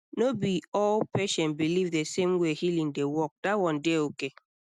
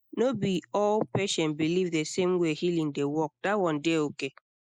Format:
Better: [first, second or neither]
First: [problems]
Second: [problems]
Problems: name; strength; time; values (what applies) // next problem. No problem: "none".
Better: first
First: none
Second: noise reduction (neural mask model Resemble Enhance denoiser)